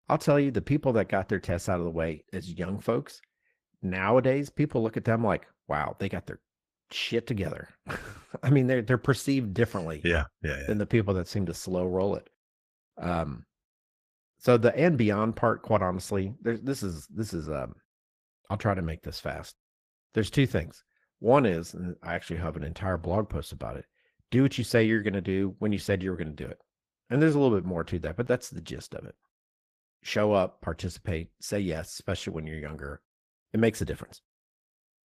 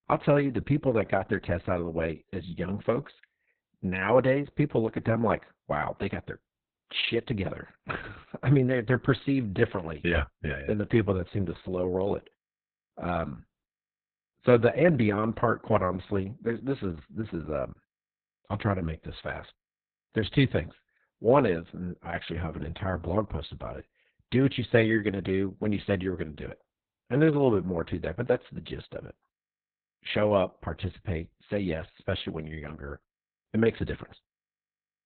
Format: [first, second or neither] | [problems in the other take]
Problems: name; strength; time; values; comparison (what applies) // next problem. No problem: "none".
first | garbled, watery; badly; nothing above 4 kHz; slightly in the first